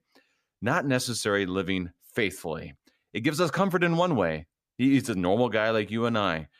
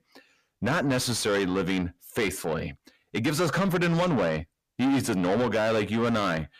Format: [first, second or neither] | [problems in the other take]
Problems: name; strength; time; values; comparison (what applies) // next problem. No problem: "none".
first | distortion; heavy; 7 dB below the speech